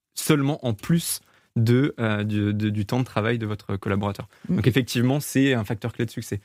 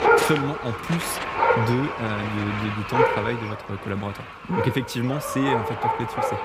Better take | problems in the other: first | animal sounds; very loud; throughout; 2 dB above the speech

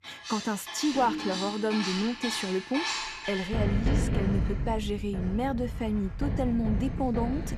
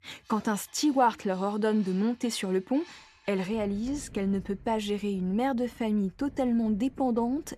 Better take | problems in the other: second | household noises; loud; throughout; 2 dB below the speech; faint in the second

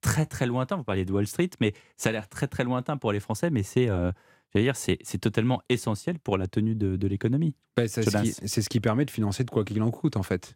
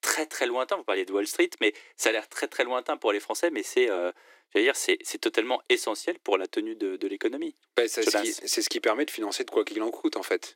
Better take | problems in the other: first | thin; very; fading below 300 Hz

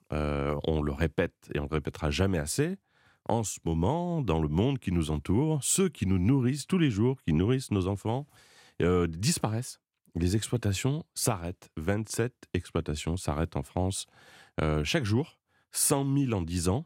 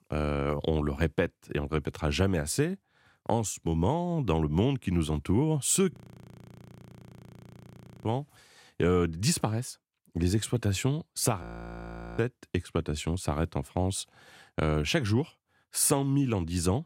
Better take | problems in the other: first | audio freezing; at 6 s for 2 s and at 11 s for 1 s

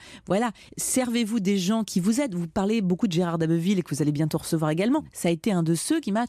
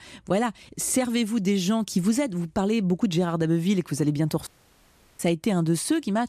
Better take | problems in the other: first | audio cutting out; at 4.5 s for 0.5 s

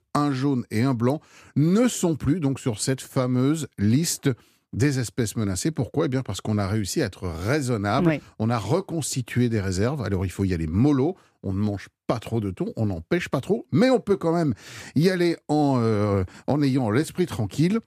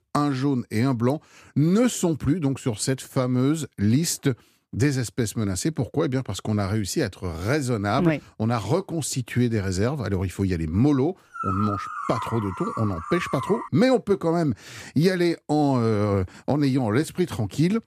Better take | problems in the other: first | dog barking; noticeable; from 11 to 14 s; peak 4 dB below the speech

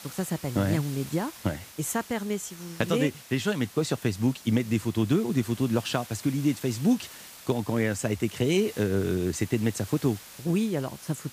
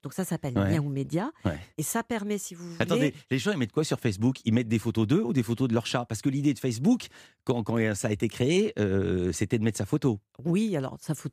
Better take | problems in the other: second | hiss; noticeable; throughout; 15 dB below the speech

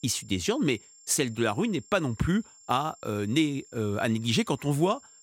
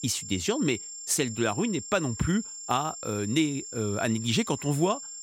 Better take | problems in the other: first | high-pitched whine; loud; throughout; 7.5 kHz, 9 dB below the speech; faint in the first

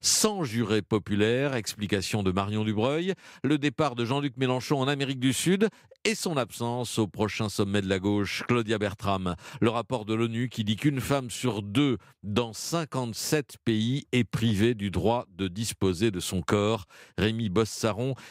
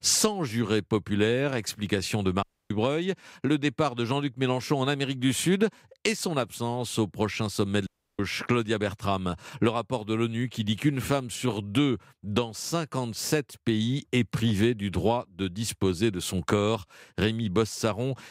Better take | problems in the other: first | audio cutting out; at 2.5 s and at 8 s

